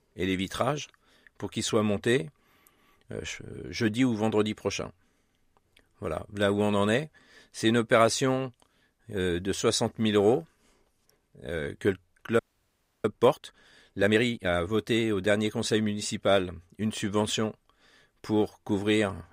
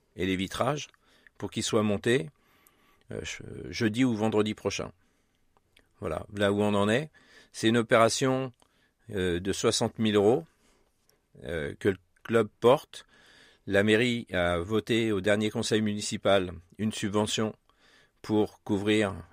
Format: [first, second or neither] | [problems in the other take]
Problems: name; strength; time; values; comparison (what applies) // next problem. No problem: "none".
second | audio freezing; at 12 s for 0.5 s